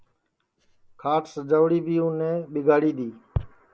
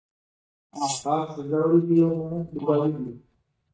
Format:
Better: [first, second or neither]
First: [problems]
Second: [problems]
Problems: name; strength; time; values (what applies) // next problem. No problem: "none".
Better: first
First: none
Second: noise reduction (neural mask model DeepFilterNet 3)